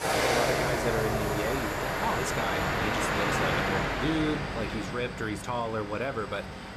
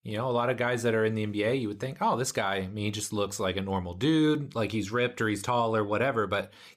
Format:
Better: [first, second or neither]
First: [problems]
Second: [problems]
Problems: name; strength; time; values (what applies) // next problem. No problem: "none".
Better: second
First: train or aircraft noise; very loud; throughout; 4 dB above the speech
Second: none